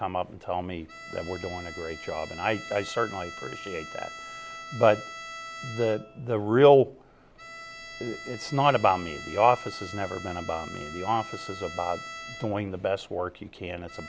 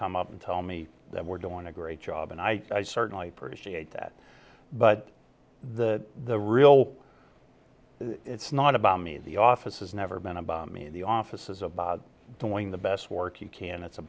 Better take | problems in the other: second | background sound (Bowed string instrument); 14 dB below the speech

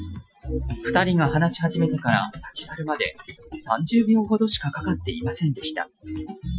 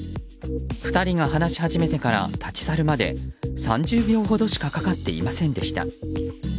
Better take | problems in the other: second | noise reduction (classical method Wiener filter)

